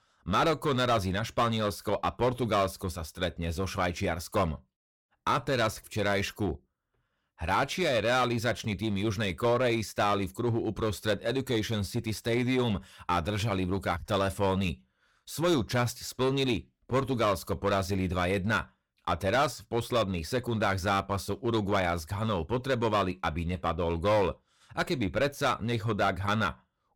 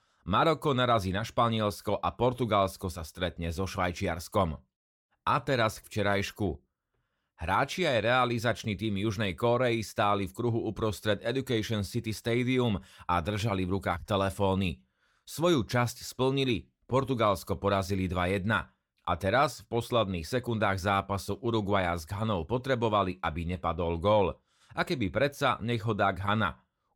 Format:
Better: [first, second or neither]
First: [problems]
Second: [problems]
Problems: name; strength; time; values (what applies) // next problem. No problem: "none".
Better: second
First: distortion; slight; 7% of the sound clipped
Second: none